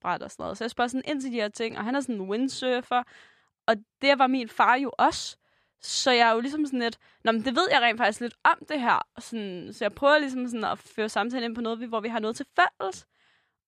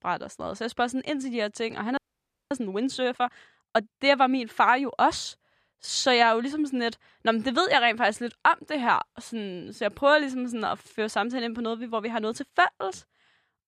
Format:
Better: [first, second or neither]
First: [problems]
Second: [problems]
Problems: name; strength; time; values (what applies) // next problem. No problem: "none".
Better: first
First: none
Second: audio freezing; at 2 s for 0.5 s